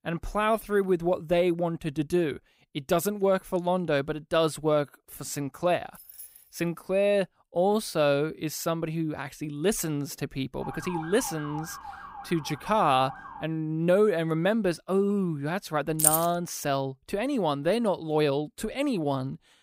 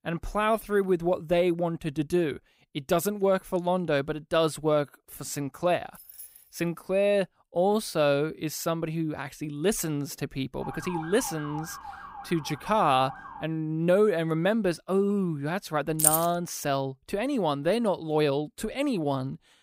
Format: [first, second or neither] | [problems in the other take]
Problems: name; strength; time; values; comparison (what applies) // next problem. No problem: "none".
neither | jangling keys; faint; at 6 s; peak 15 dB below the speech; the same in both // siren; faint; from 11 to 13 s; peak 10 dB below the speech; the same in both // jangling keys; loud; at 16 s; peak 5 dB above the speech; the same in both